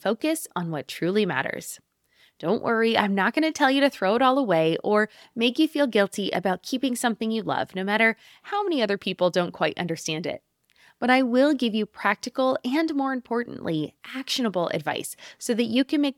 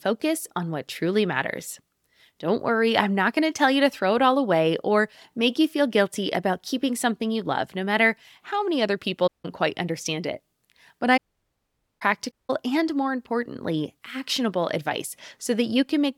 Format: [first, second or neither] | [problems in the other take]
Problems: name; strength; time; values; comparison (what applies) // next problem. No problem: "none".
first | audio cutting out; at 9.5 s, at 11 s for 1 s and at 12 s